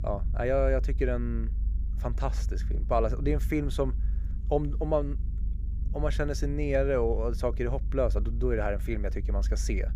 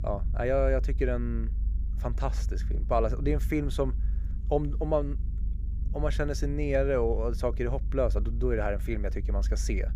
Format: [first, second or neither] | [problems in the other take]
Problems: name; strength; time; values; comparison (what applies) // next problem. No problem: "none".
neither | low rumble; faint; throughout; 20 dB below the speech; the same in both